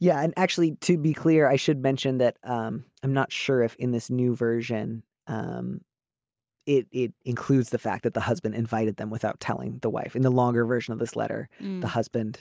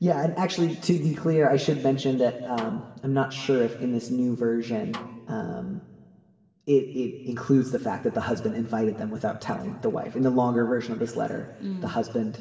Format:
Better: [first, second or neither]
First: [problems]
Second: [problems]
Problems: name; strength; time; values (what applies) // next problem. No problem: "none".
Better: first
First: none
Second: background sound (Snare drum); 20 dB below the speech // room echo; dies away in 1.8 s